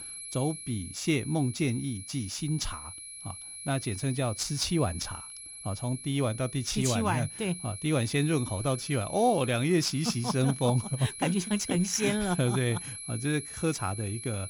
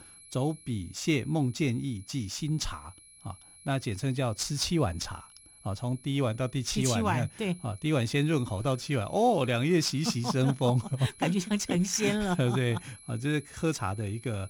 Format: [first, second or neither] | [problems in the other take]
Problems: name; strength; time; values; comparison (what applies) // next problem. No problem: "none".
second | high-pitched whine; loud; throughout; 11 kHz, 10 dB below the speech; faint in the second